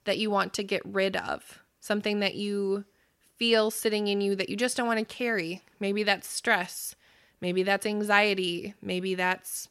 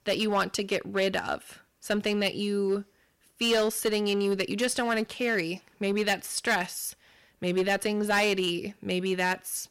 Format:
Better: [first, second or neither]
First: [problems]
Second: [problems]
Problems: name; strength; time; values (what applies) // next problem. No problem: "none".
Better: first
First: none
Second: distortion; slight; 6% of the sound clipped